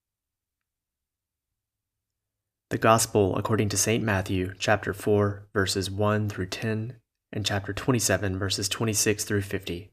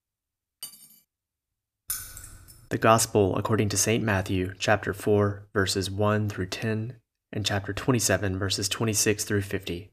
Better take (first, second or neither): first